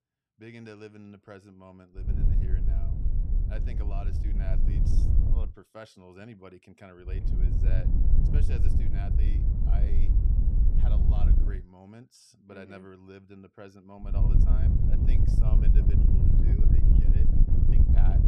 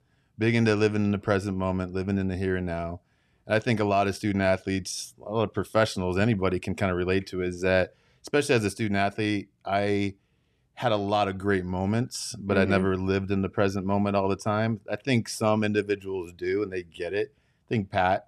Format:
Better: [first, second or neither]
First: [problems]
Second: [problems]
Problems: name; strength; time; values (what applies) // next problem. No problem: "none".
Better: second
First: wind noise on the microphone; heavy; from 2 to 5.5 s, from 7 to 12 s and from 14 s on; 5 dB above the speech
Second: none